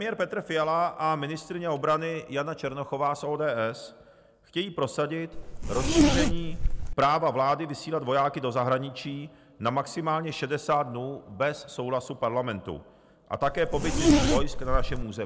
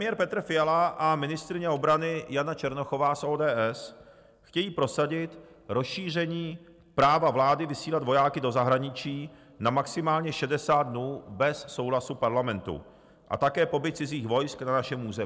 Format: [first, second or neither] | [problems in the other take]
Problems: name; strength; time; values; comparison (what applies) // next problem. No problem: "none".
second | background sound (Zipper (clothing)); 5 dB above the speech